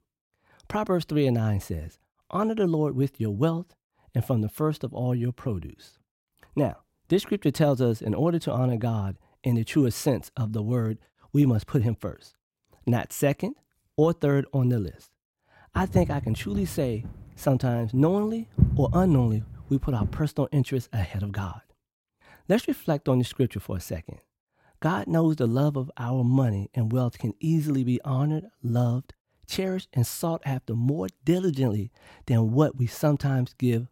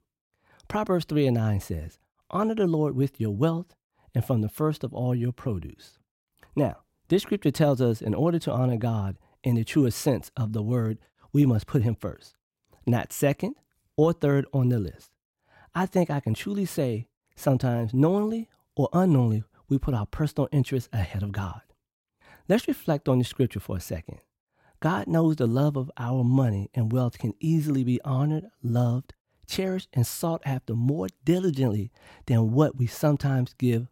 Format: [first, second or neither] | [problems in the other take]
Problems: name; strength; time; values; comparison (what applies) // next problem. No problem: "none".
second | footsteps; loud; from 16 to 20 s; peak 3 dB above the speech